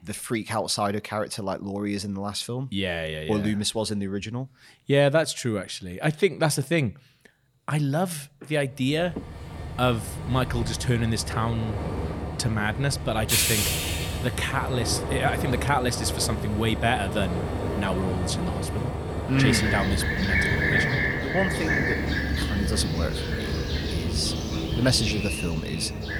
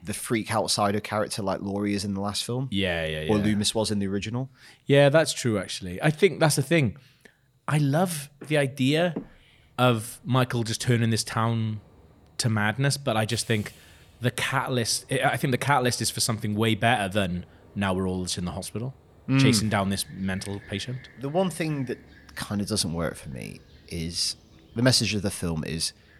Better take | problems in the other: second | train or aircraft noise; loud; from 9 s on; 1 dB below the speech; faint in the second

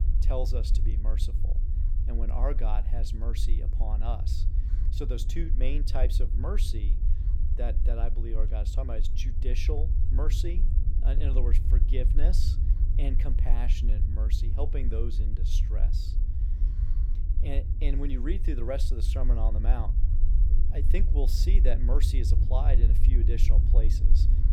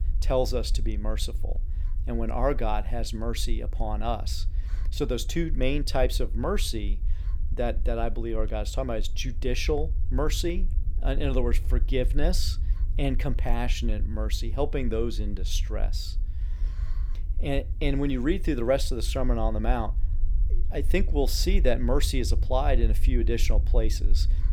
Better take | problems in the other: second | low rumble; loud; throughout; 8 dB below the speech; faint in the second

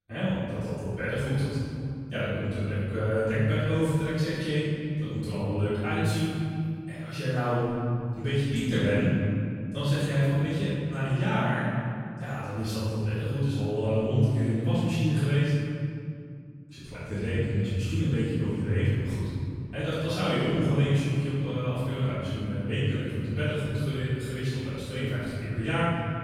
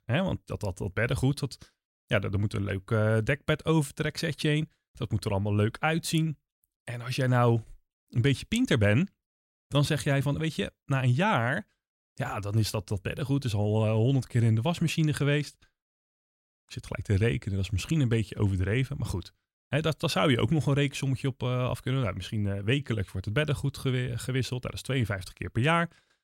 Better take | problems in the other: second | off-mic speech; far // room echo; strong; dies away in 2.4 s

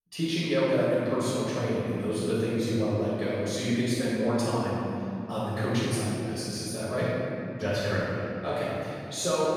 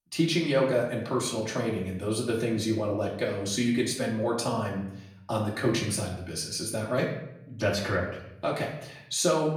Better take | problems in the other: second | room echo; strong; dies away in 2.8 s; slight in the second // off-mic speech; far; far in the second

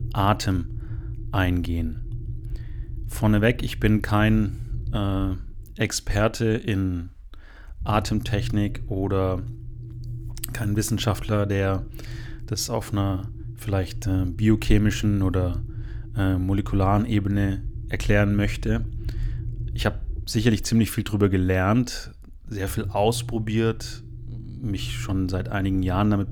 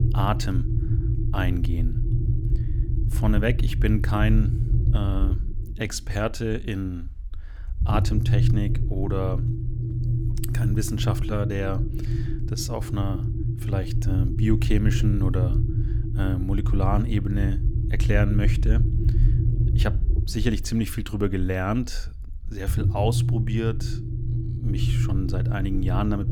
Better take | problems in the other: first | low rumble; loud; throughout; 7 dB below the speech; faint in the first

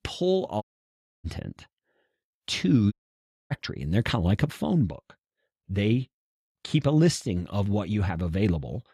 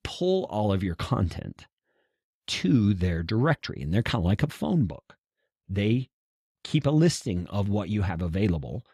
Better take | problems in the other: second | audio cutting out; at 0.5 s for 0.5 s and at 3 s for 0.5 s

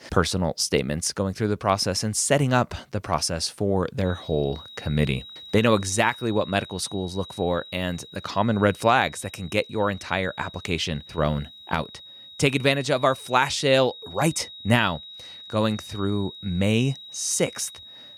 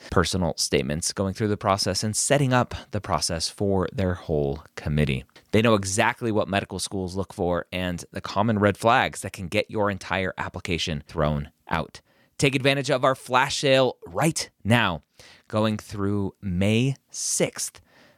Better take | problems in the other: second | high-pitched whine; noticeable; from 4 s on; 4 kHz, 15 dB below the speech

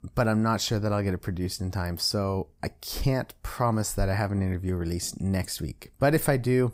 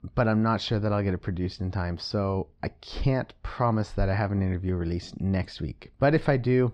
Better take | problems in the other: first | muffled; slightly; fading above 4 kHz

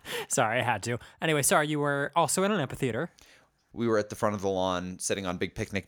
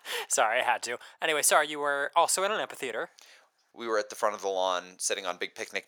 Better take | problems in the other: first | thin; very; fading below 650 Hz

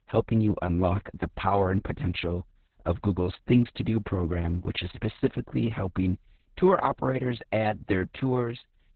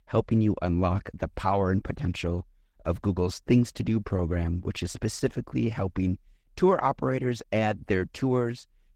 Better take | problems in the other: second | garbled, watery; badly; nothing above 4 kHz; slightly in the second

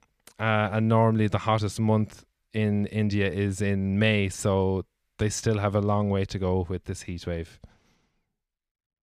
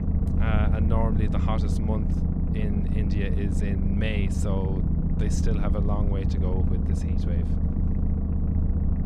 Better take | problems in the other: first | low rumble; loud; throughout; 2 dB below the speech

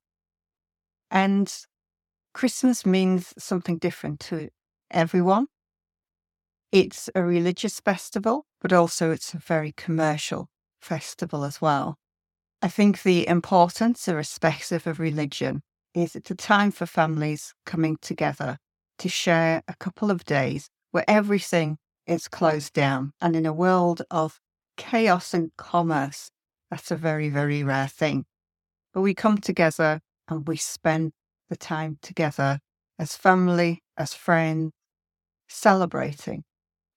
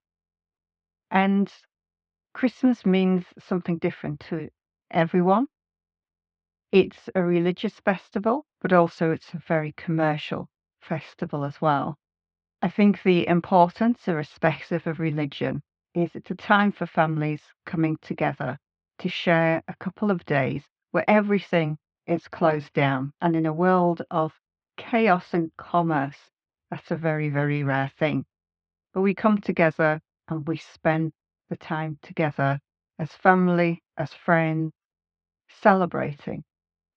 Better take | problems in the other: first | muffled; very; fading above 3.5 kHz

